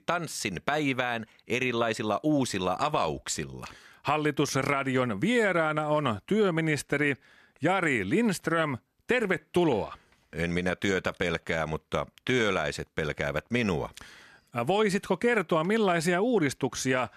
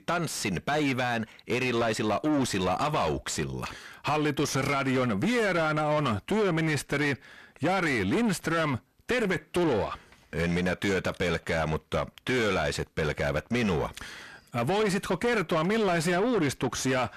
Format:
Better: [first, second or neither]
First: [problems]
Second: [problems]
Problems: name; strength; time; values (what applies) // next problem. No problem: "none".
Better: first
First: none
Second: distortion; heavy; 7 dB below the speech